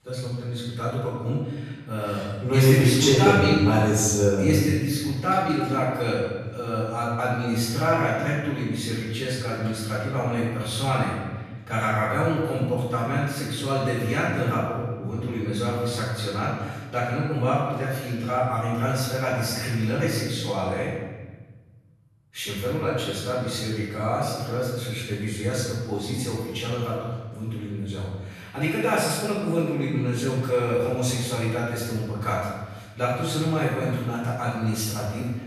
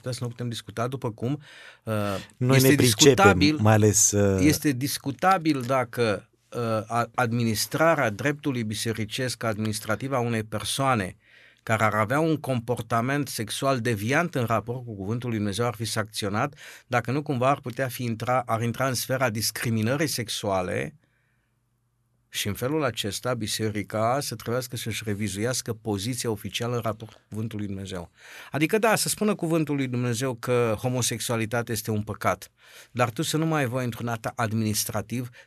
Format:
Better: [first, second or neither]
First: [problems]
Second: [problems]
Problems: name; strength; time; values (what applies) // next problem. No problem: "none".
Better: second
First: off-mic speech; far // room echo; strong; dies away in 1.4 s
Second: none